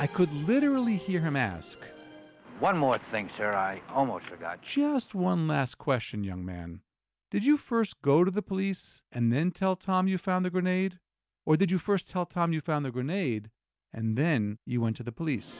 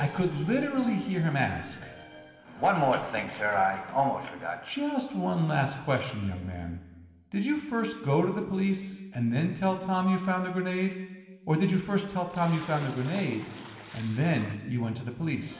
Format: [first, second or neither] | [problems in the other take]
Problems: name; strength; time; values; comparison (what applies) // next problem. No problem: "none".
first | background sound (Splash, splatter); 17 dB below the speech // room echo; dies away in 1.4 s